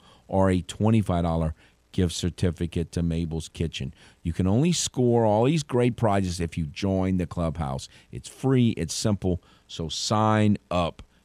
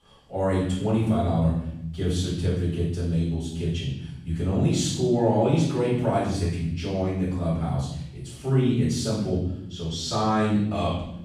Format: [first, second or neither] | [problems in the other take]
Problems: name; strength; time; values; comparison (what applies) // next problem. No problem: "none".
first | off-mic speech; far // room echo; strong; dies away in 0.8 s